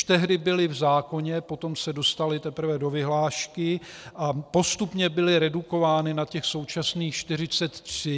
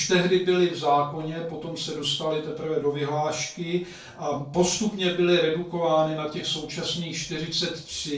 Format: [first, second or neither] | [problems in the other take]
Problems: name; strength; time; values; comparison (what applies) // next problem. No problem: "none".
first | room echo; dies away in 0.3 s